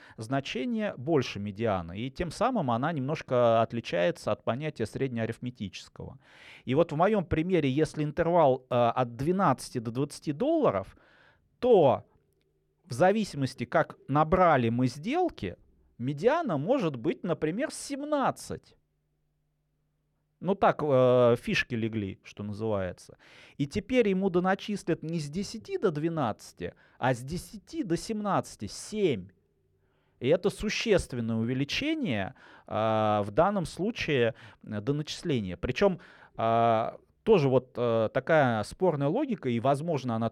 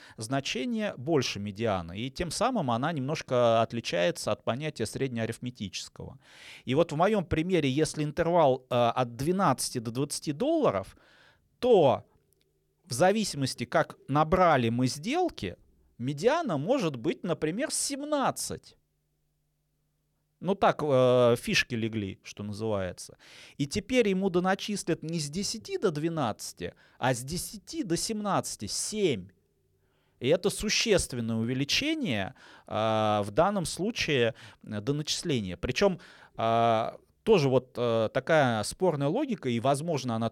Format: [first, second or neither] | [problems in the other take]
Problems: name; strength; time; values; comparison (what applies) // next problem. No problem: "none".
second | muffled; slightly; fading above 3.5 kHz